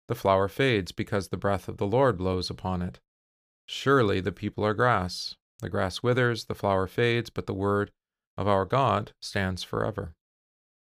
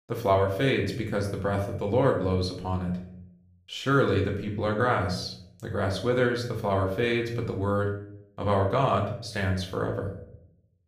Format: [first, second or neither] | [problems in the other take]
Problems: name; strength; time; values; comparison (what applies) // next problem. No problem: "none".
first | room echo; slight; dies away in 0.6 s // off-mic speech; somewhat distant